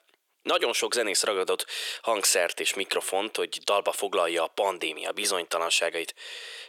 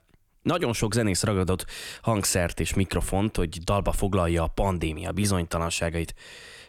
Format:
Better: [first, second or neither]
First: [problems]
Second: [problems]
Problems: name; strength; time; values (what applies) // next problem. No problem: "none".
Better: second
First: thin; very; fading below 450 Hz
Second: none